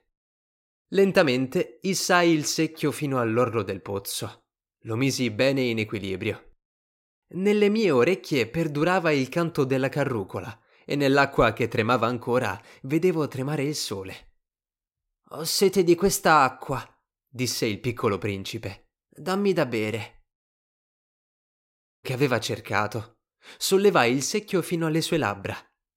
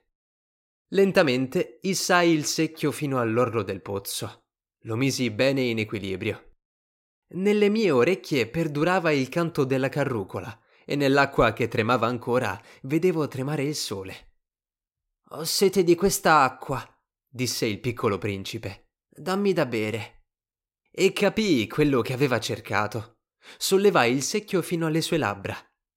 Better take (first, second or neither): second